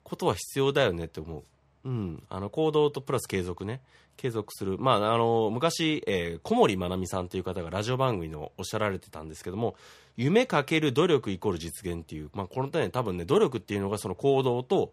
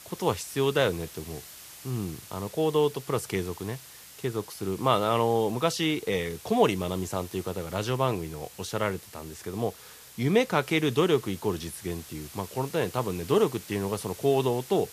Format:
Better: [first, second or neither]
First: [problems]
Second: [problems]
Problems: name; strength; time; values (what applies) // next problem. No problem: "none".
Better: first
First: none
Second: hiss; noticeable; throughout; 15 dB below the speech